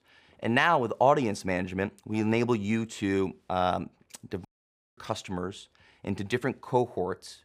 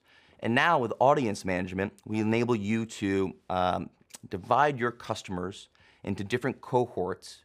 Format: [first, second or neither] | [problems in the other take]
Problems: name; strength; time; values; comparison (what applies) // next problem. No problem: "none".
second | audio cutting out; at 4.5 s for 0.5 s